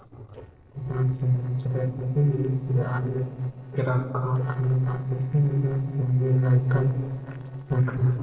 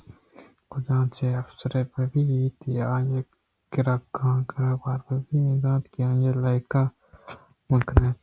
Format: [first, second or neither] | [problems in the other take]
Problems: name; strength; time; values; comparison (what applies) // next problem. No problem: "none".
second | noise reduction (neural separator model SepFormer DNS4)